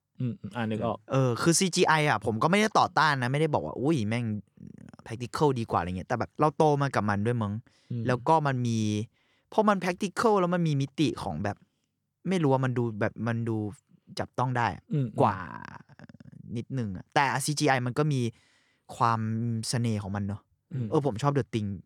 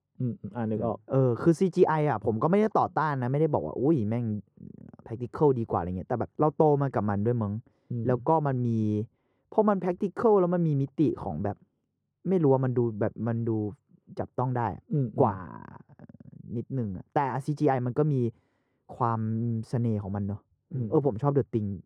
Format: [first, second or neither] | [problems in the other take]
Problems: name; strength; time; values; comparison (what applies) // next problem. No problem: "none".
first | muffled; very; fading above 1.5 kHz